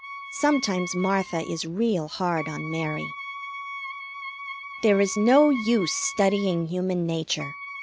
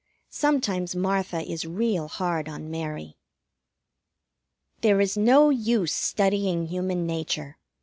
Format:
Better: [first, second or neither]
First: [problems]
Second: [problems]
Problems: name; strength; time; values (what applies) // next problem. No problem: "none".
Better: second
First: background sound (Wind instrument, woodwind instrument); 12 dB below the speech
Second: none